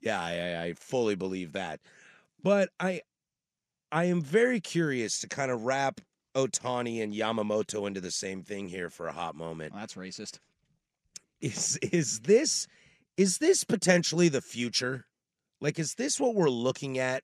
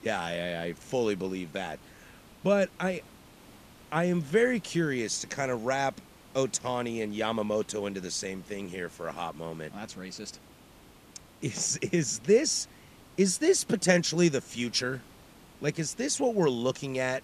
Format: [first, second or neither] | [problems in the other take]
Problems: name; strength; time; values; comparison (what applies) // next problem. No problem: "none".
first | hiss; faint; throughout; 25 dB below the speech